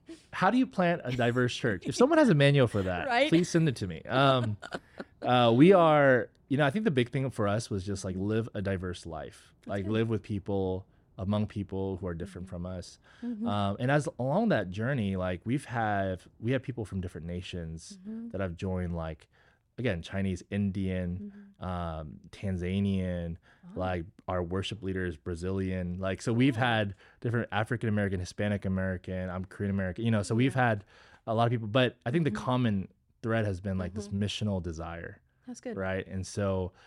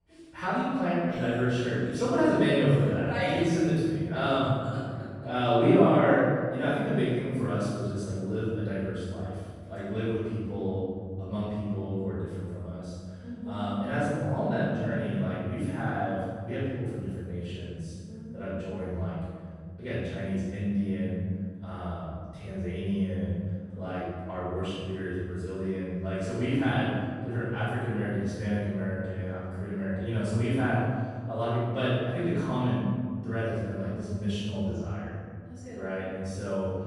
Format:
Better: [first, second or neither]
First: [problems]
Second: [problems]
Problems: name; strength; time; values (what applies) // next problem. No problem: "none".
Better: first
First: none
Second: off-mic speech; far // room echo; strong; dies away in 1.9 s